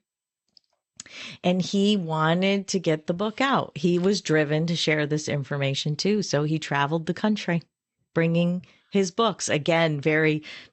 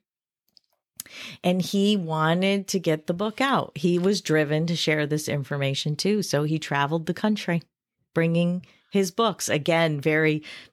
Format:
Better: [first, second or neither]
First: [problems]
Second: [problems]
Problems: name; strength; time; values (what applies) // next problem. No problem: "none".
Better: second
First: garbled, watery; slightly; nothing above 8 kHz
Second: none